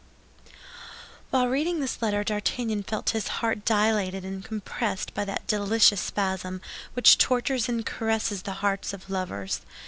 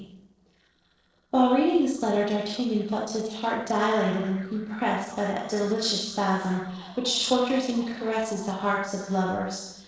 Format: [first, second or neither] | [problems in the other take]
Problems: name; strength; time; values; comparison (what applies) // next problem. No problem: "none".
first | noise reduction (neural separator model SepFormer DNS4)